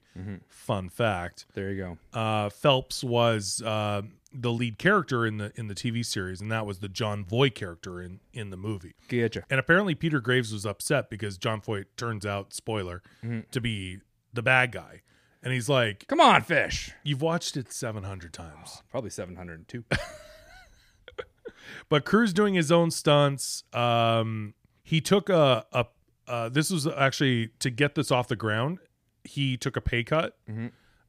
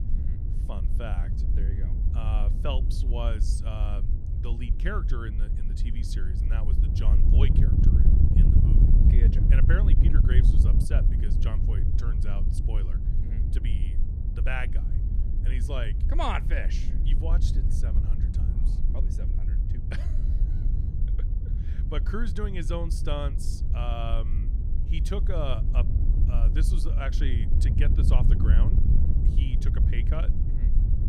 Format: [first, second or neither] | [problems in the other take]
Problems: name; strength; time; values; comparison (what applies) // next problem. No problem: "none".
first | wind noise on the microphone; heavy; 4 dB below the speech